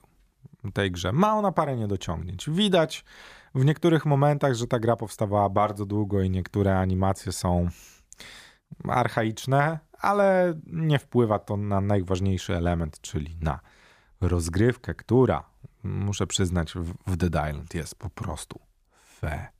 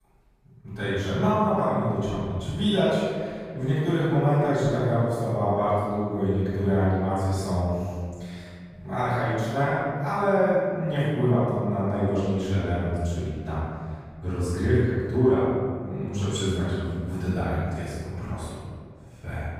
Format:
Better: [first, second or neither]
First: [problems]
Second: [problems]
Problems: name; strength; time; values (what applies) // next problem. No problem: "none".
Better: first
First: none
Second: off-mic speech; far // room echo; strong; dies away in 1.9 s